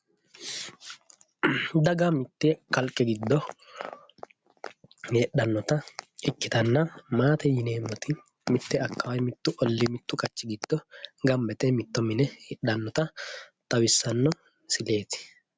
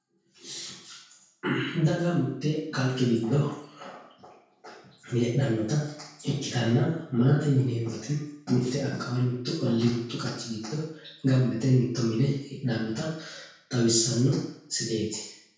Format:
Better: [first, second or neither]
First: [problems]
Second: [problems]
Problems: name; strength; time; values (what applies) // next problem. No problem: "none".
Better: first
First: none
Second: room echo; dies away in 0.6 s